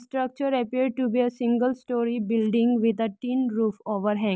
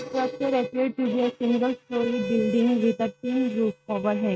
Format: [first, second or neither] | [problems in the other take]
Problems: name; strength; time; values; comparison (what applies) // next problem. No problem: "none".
first | noise reduction (neural mask model RNNoise)